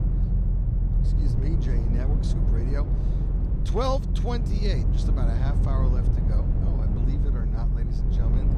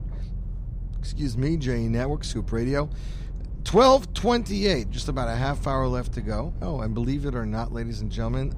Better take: second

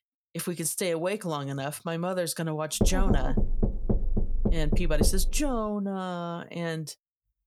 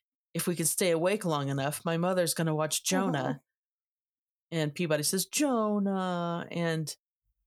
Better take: second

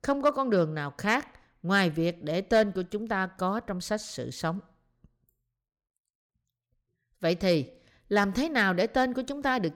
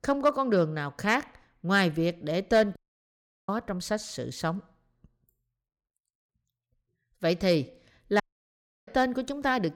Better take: first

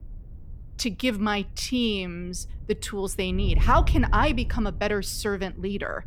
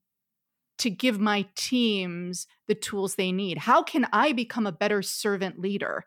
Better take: second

